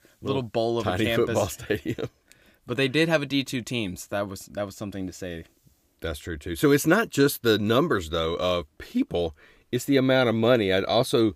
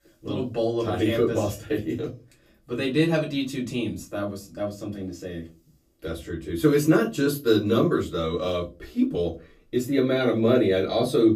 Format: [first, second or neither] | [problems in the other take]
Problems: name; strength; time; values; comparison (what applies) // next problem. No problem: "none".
first | off-mic speech; far // room echo; very slight; dies away in 0.3 s